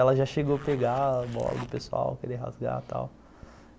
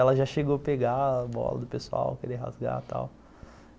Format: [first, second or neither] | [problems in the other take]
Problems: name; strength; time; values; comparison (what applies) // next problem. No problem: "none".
second | background sound (Zipper (clothing)); 18 dB below the speech